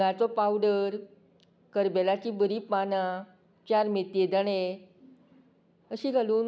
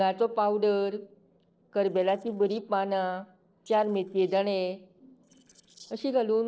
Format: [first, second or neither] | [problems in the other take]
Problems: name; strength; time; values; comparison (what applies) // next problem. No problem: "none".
first | noise reduction (neural separator model SepFormer DNS4)